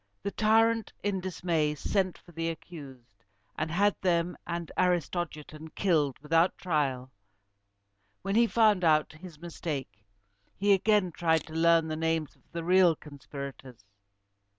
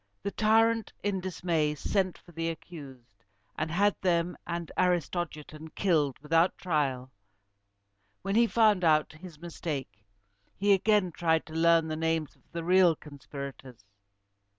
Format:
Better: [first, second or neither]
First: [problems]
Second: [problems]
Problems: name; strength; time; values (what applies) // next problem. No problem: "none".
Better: second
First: background sound (Camera); 19 dB below the speech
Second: none